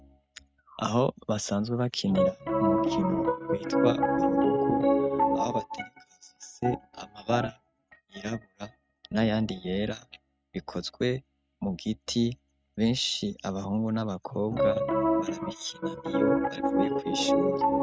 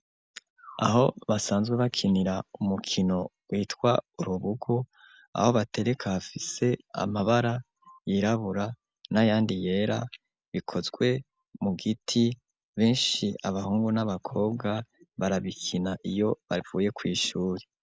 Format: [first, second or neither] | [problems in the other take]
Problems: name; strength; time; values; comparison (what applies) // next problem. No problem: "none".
second | noise reduction (neural mask model RNNoise)